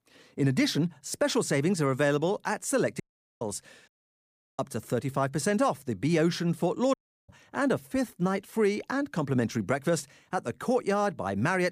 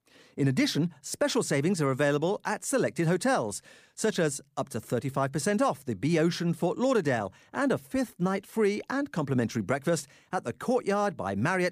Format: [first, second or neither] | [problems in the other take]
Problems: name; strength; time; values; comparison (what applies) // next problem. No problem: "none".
second | audio cutting out; at 3 s, at 4 s for 0.5 s and at 7 s